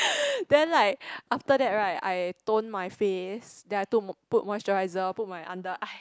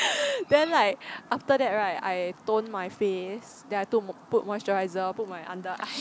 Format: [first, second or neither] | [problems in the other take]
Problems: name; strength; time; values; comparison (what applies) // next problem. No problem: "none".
first | background sound (Chirp, tweet); 19 dB below the speech